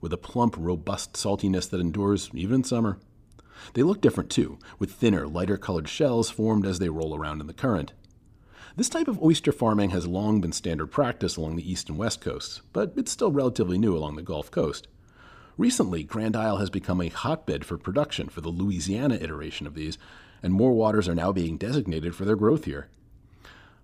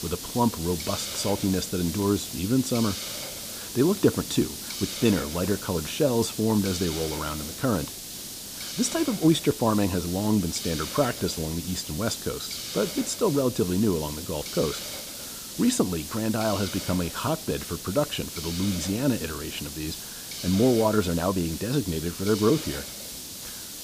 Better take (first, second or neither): first